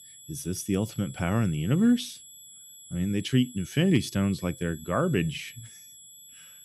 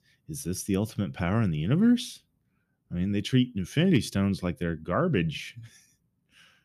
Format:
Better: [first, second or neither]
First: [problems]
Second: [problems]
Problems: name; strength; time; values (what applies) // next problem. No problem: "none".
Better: second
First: high-pitched whine; noticeable; throughout; 8 kHz, 20 dB below the speech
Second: none